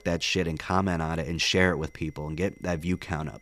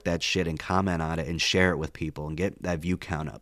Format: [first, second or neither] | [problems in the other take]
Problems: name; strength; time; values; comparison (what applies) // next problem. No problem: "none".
second | high-pitched whine; faint; throughout; 2 kHz, 30 dB below the speech